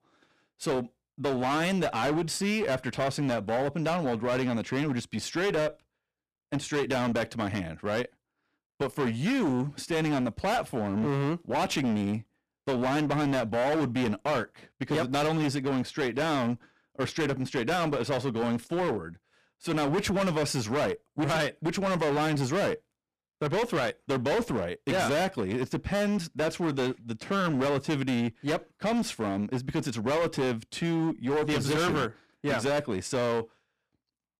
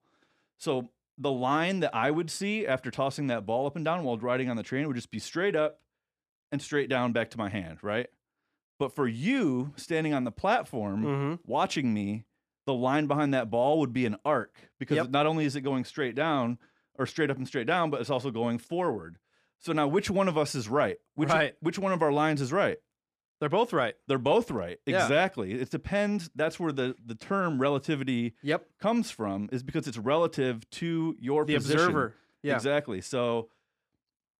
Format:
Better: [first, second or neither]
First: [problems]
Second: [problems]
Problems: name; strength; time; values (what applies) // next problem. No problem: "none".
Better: second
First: distortion; heavy; 23% of the sound clipped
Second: none